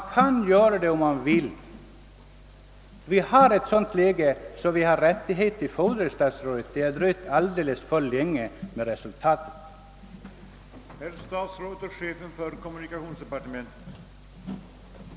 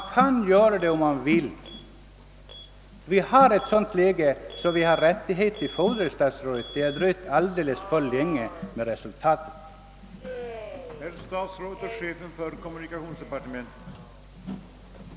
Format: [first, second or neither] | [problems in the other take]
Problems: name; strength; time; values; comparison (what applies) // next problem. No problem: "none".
first | background sound (Alarm); 19 dB below the speech